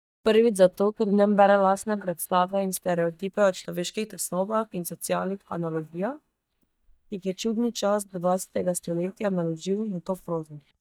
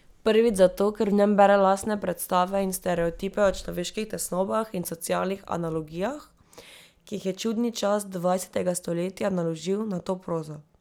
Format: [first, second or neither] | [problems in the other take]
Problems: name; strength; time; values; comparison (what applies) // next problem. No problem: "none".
second | noise reduction (neural mask model DeepFilterNet 3)